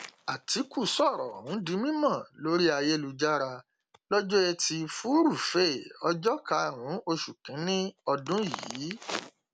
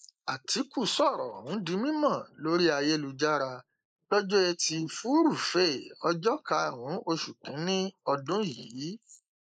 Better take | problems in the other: first | noise reduction (neural mask model Resemble Enhance denoiser)

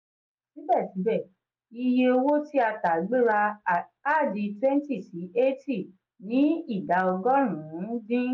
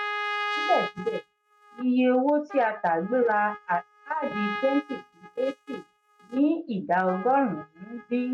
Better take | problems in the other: first | noise reduction (neural mask model RNNoise)

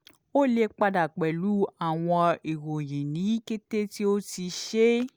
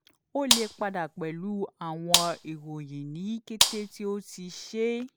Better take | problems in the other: first | background sound (Gunshot, gunfire); 3 dB above the speech

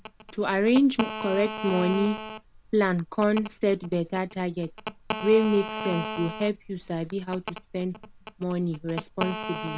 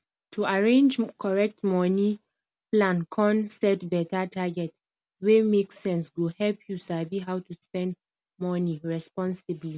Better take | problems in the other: second | background sound (Telephone); 10 dB below the speech

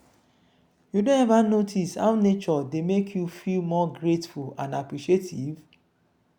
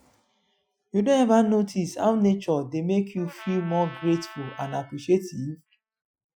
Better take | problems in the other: first | noise reduction (classical method Wiener filter)

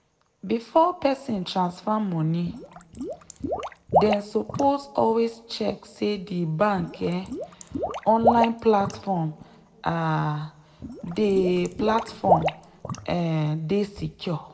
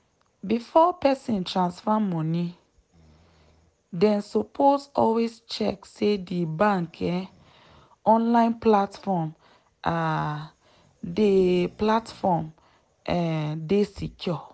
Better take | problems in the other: second | background sound (Water / Liquid); 5 dB below the speech // room echo; dies away in 0.8 s

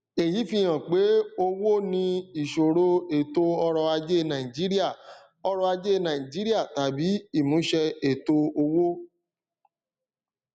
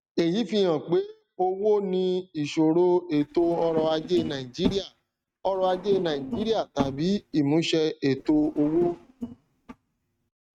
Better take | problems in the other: first | noise reduction (neural mask model RNNoise)

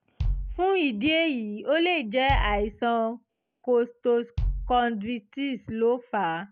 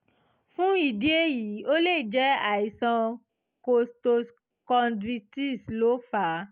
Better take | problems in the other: second | background sound (Bass drum); 8 dB below the speech

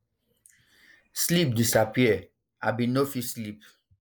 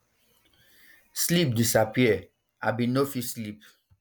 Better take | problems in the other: second | noise reduction (neural mask model Resemble Enhance denoiser)

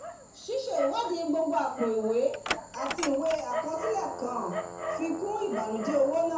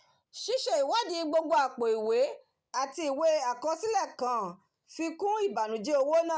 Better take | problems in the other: second | background sound (Dog); 8 dB below the speech // room echo; dies away in 0.6 s

